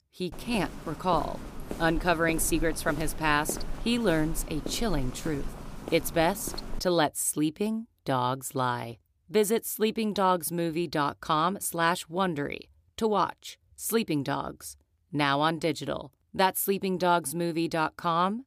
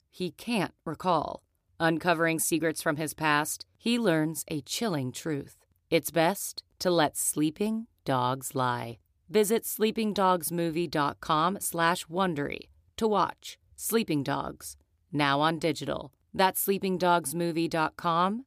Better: second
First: footsteps; noticeable; until 7 s; peak 9 dB below the speech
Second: none

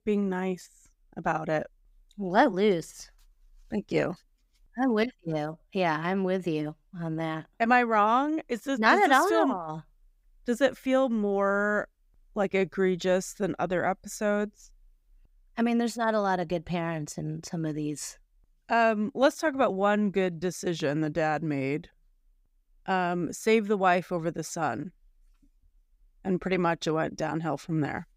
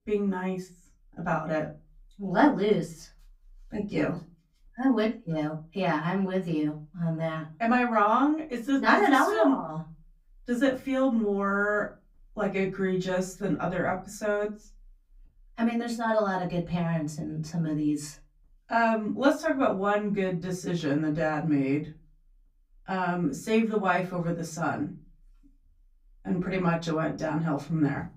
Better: first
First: none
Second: off-mic speech; far // room echo; very slight; dies away in 0.3 s

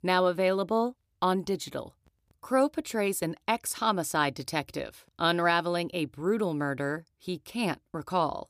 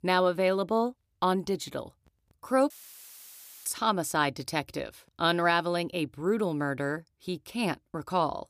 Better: first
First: none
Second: audio cutting out; filled with static; at 2.5 s for 1 s

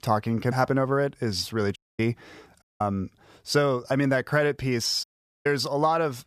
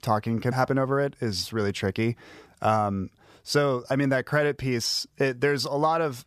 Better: second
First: audio cutting out; at 2 s, at 2.5 s and at 5 s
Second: none

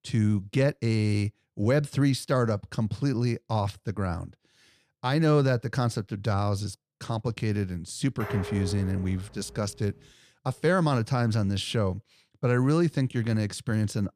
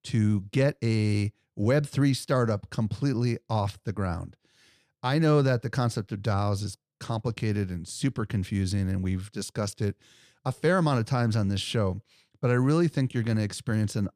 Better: second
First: clattering dishes; noticeable; from 8 to 10 s; peak 8 dB below the speech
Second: none

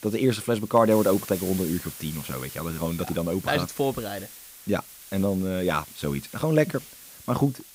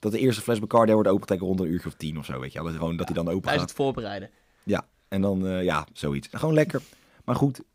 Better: second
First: hiss; noticeable; throughout; 15 dB below the speech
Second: none

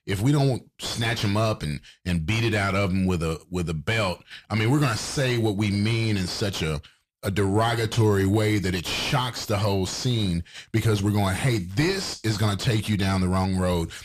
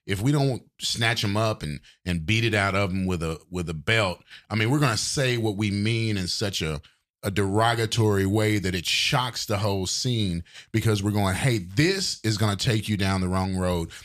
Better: second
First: distortion; slight; 10 dB below the speech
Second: none

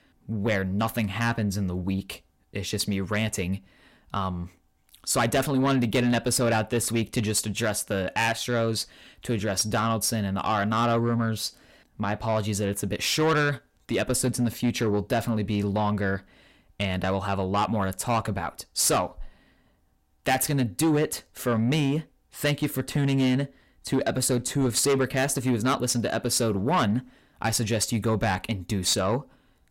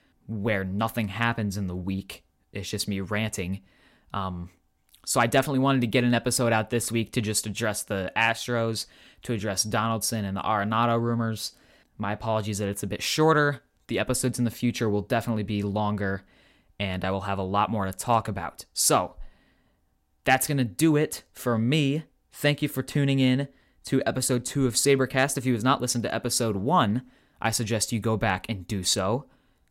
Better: second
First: distortion; slight; 10 dB below the speech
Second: none

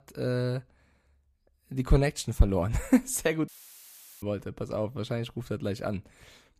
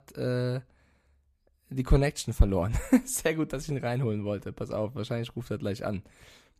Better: second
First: audio cutting out; filled with static; at 3.5 s for 0.5 s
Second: none

